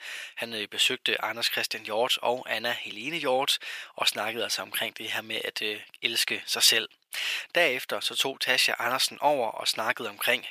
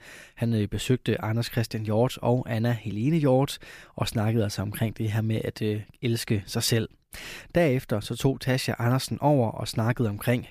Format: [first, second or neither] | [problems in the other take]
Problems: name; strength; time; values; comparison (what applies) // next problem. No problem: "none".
second | thin; very; fading below 750 Hz